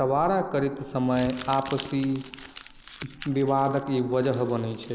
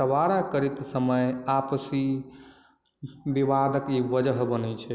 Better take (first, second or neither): second